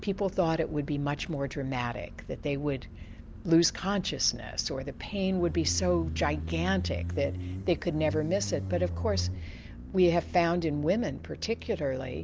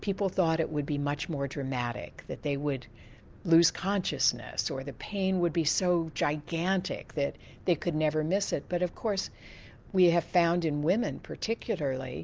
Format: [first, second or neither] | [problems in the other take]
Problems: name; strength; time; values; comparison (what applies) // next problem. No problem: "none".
second | background sound (Motorcycle); 8 dB below the speech